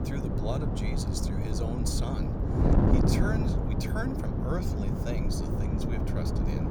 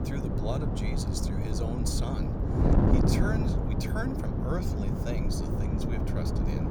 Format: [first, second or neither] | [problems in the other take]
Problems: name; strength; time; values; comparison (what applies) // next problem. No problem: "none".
neither | wind noise on the microphone; heavy; 3 dB above the speech; the same in both